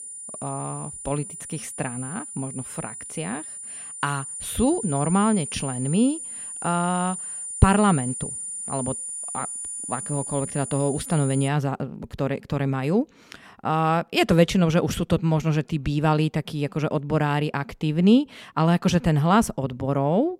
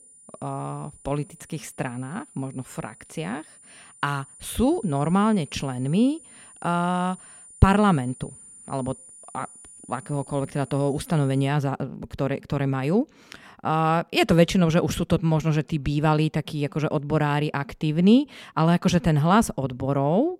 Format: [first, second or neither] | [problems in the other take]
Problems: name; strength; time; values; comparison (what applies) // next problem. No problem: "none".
second | high-pitched whine; loud; until 11 s; 9.5 kHz, 8 dB below the speech; faint in the second